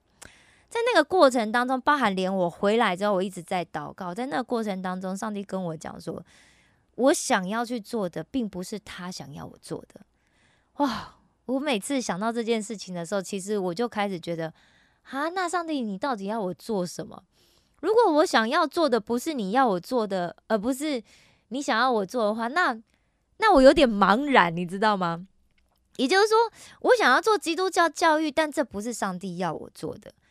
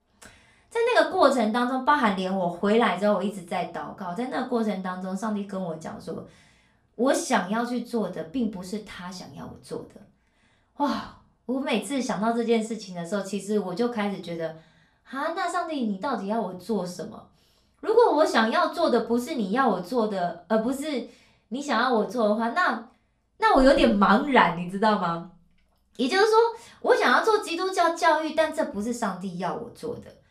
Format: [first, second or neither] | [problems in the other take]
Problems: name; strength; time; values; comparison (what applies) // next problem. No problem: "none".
first | off-mic speech; far // room echo; very slight; dies away in 0.3 s